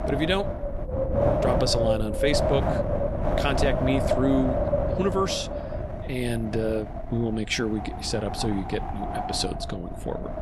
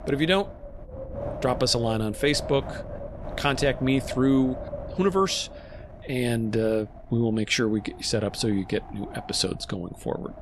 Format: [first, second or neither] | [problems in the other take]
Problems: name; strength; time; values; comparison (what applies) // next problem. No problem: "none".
second | wind noise on the microphone; heavy; 1 dB above the speech; occasional gusts in the second